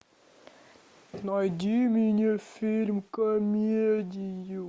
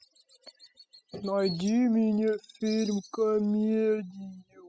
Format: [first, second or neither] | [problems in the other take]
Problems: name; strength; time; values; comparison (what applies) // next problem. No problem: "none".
first | noise reduction (classical method spectral subtraction)